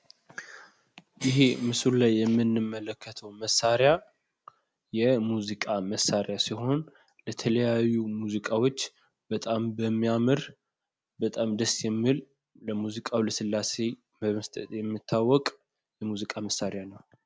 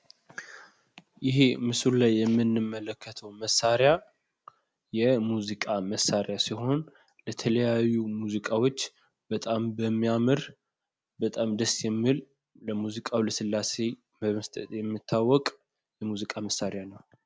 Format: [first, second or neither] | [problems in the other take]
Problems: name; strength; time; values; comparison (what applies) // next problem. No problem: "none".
second | background sound (Bell); 13 dB below the speech